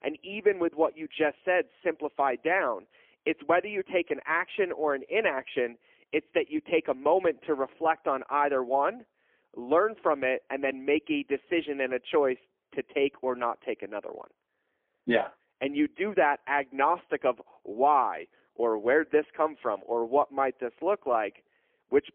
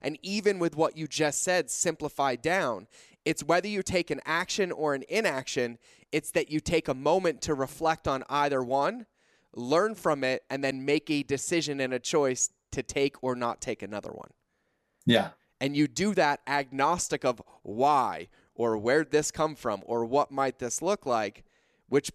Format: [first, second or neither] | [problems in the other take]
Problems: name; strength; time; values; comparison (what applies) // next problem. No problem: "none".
second | phone-call audio; poor line